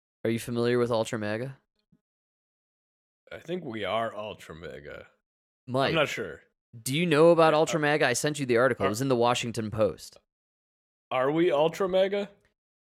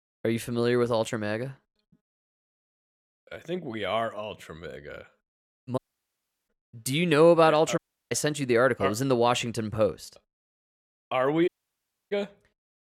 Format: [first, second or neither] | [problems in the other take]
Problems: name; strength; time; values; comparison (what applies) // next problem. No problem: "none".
first | audio cutting out; at 6 s for 0.5 s, at 8 s and at 11 s for 0.5 s